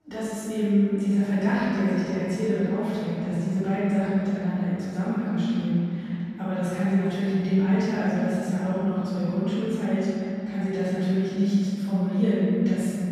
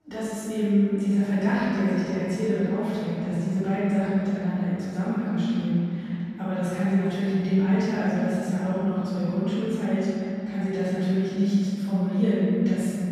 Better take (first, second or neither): neither